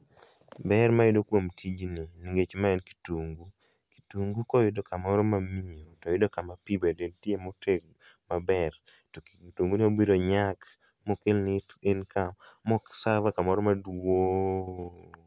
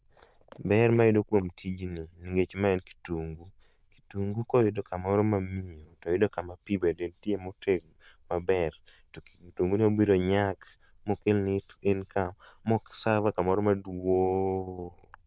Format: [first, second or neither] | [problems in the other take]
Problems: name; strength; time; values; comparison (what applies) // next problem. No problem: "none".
first | noise reduction (neural diffusion model UNIVERSE++)